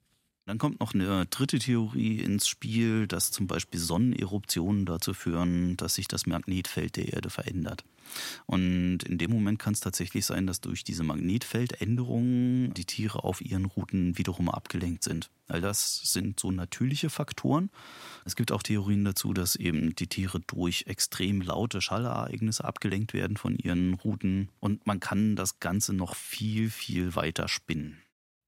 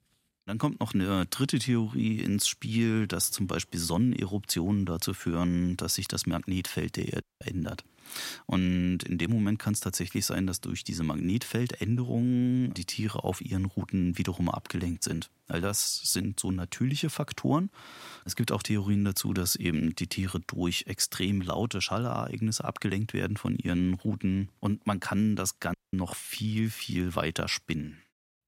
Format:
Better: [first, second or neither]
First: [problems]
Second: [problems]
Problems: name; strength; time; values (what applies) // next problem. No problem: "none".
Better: first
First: none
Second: audio cutting out; at 7 s and at 26 s